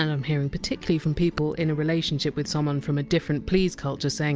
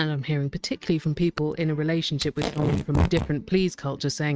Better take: first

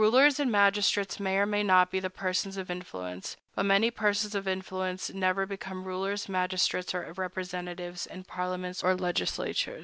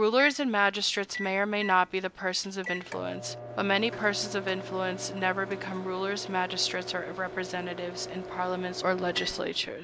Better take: first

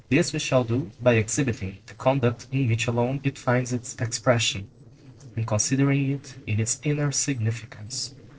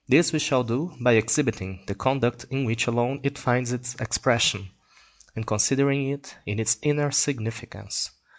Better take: second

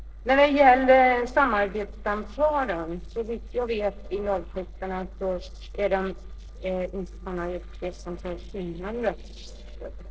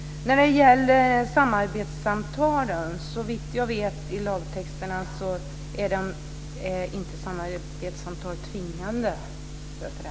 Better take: second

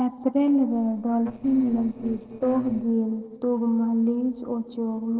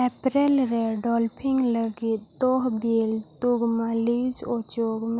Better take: second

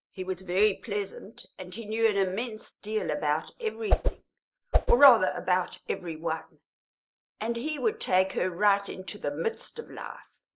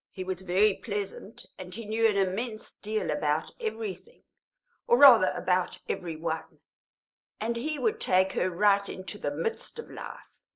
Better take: second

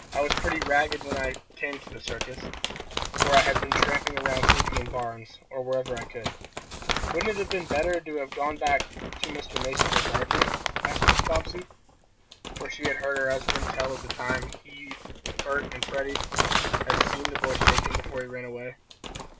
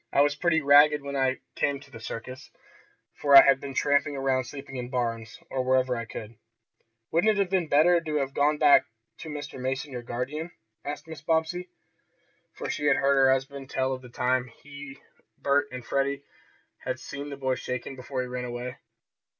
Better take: second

